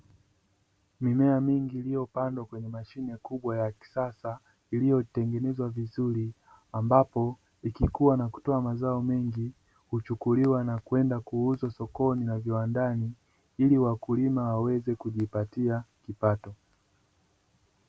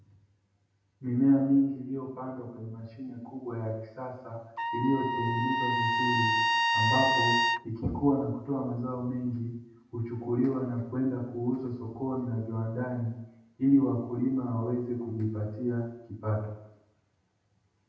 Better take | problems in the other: first | background sound (Trumpet); 3 dB above the speech // room echo; dies away in 0.8 s

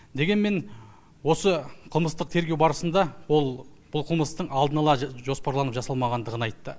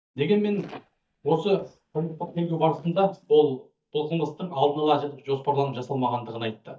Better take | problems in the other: first | noise reduction (neural mask model DeepFilterNet 3)

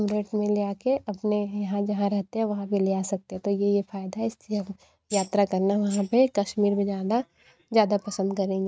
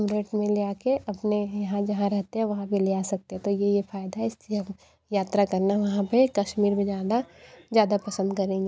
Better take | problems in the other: second | noise reduction (neural mask model RNNoise)

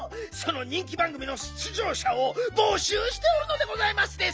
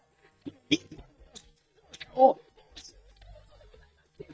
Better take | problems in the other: first | noise reduction (neural mask model DeepFilterNet 3)

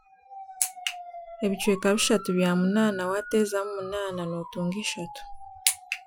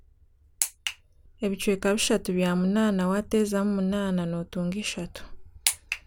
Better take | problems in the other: second | noise reduction (classical method Wiener filter)

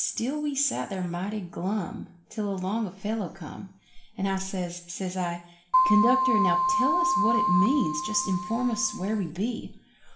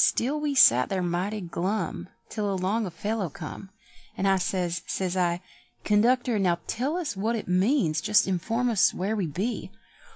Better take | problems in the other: second | background sound (Keyboard (musical)); 3 dB above the speech // room echo; dies away in 0.5 s

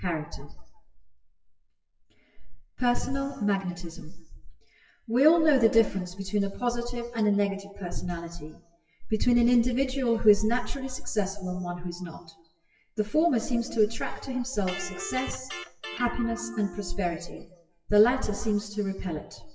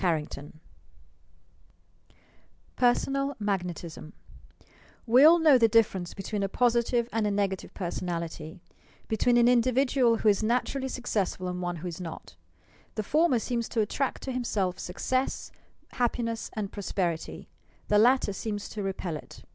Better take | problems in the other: second | noise reduction (classical method WPE with log-MMSE)

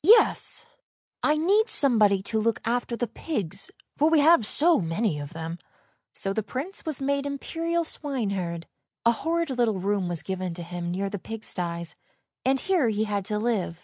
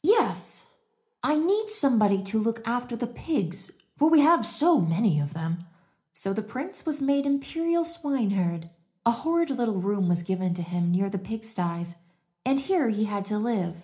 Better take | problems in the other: first | room echo; dies away in 0.4 s

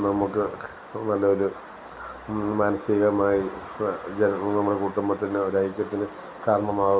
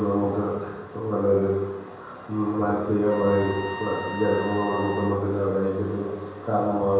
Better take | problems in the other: first | background sound (Trumpet); 12 dB below the speech // room echo; dies away in 1 s

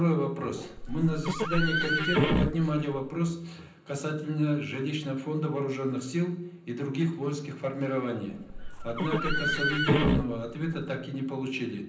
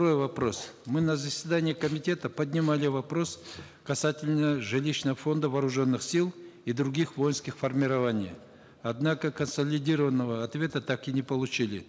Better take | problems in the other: second | background sound (Livestock, farm animals, working animals); 1 dB above the speech // room echo; dies away in 0.6 s

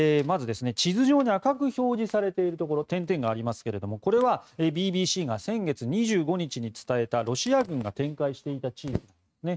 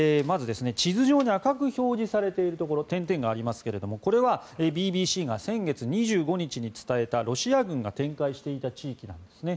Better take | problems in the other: second | noise reduction (neural mask model RNNoise)

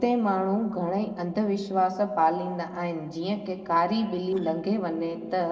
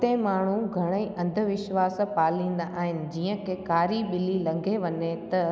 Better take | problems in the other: second | noise reduction (neural separator model SepFormer DNS4)

